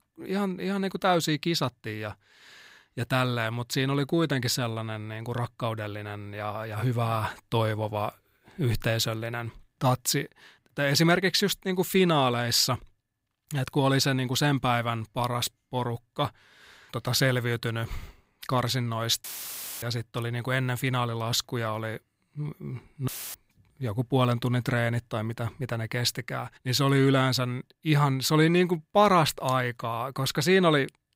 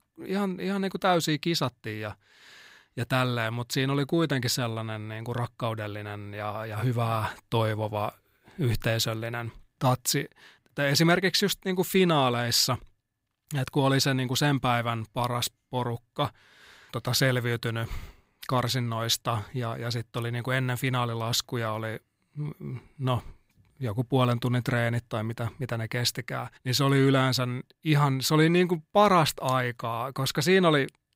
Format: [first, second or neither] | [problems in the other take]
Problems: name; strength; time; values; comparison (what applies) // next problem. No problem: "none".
second | audio cutting out; filled with static; at 19 s for 0.5 s and at 23 s